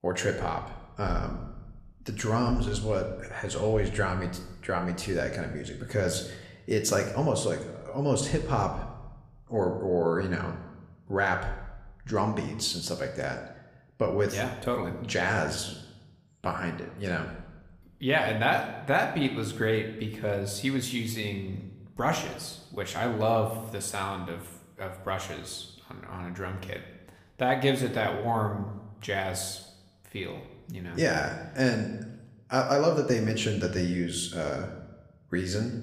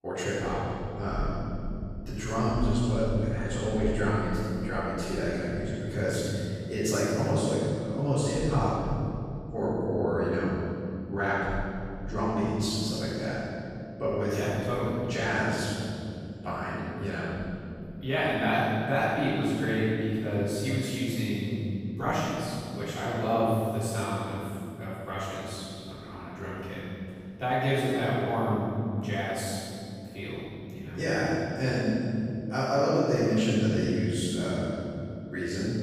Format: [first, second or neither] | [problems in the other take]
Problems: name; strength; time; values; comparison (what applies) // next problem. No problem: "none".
first | room echo; strong; dies away in 3 s; slight in the first // off-mic speech; far